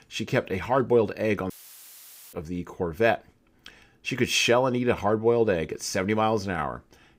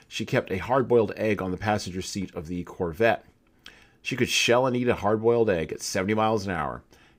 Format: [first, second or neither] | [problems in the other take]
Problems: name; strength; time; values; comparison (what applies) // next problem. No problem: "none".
second | audio cutting out; filled with static; at 1.5 s for 1 s